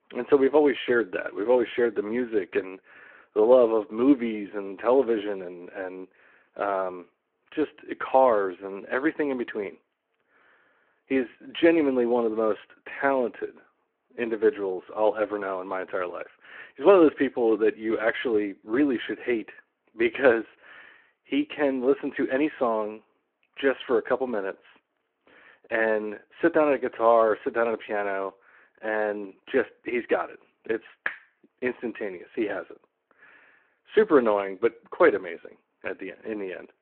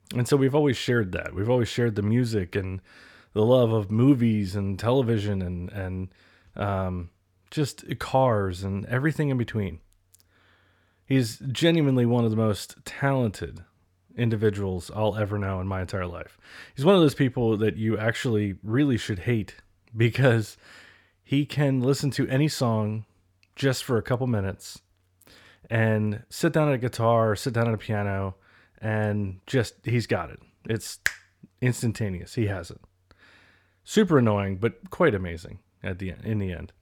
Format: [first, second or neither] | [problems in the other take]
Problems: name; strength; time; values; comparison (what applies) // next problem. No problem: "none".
second | phone-call audio